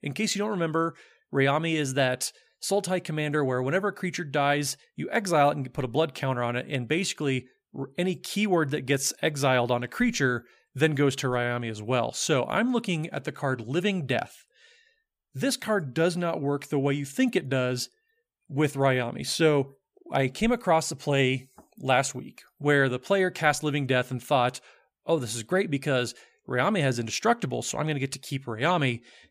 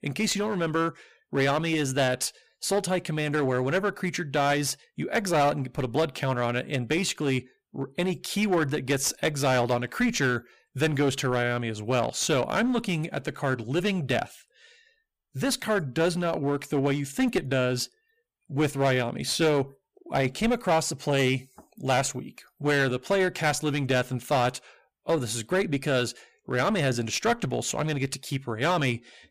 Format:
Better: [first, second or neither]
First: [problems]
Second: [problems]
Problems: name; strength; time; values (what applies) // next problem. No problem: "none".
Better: first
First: none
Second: distortion; slight; 9% of the sound clipped